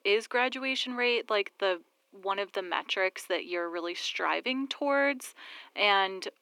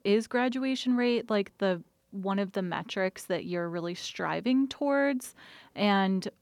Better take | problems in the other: second | thin; somewhat; fading below 300 Hz

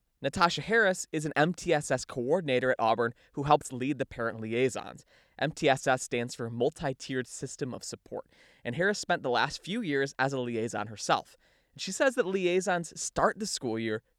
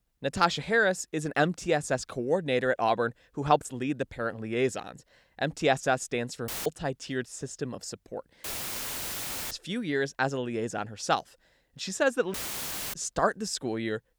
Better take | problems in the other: first | audio cutting out; filled with static; at 6.5 s, at 8.5 s for 1 s and at 12 s for 0.5 s

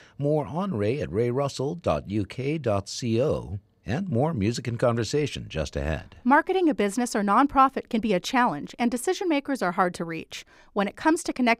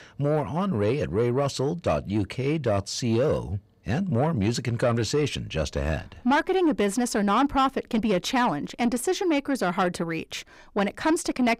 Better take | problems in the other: first | distortion; slight; 10 dB below the speech

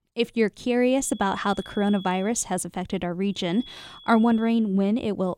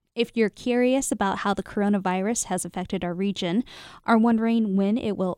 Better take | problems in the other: second | high-pitched whine; noticeable; from 1 to 2.5 s and from 3.5 to 4.5 s; 3.5 kHz, 20 dB below the speech

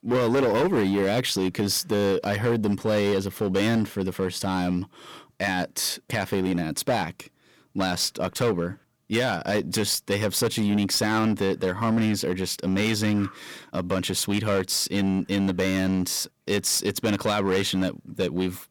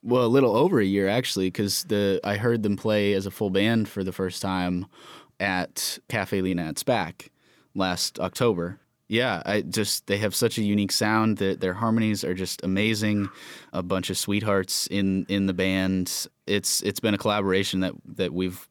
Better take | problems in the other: second | distortion; slight; 11% of the sound clipped

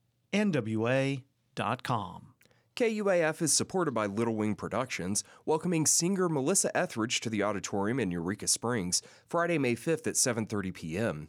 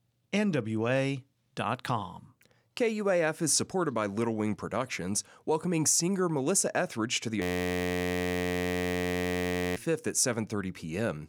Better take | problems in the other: first | audio freezing; at 7.5 s for 2.5 s

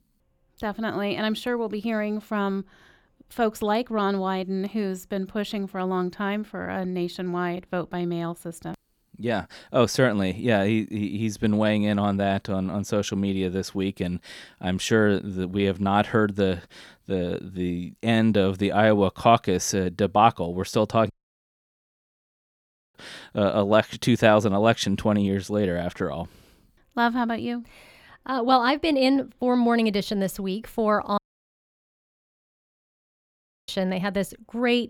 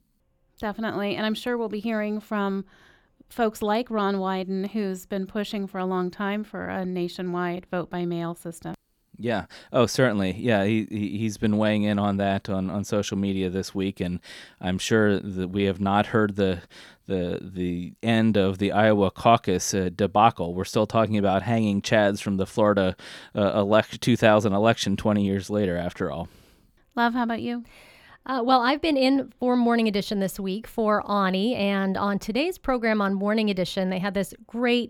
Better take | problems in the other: second | audio cutting out; at 21 s for 2 s and at 31 s for 2.5 s

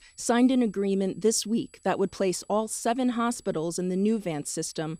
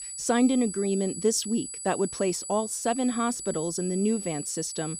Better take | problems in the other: first | high-pitched whine; loud; throughout; 8 kHz, 8 dB below the speech; faint in the first

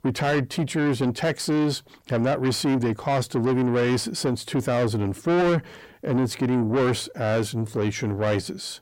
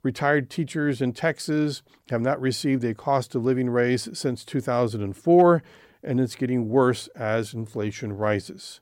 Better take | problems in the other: second | distortion; heavy; 7 dB below the speech

